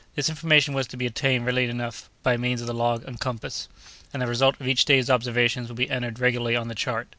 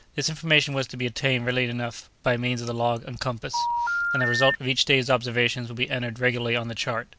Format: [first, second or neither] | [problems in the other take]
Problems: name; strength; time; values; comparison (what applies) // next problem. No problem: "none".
first | background sound (Telephone); 1 dB below the speech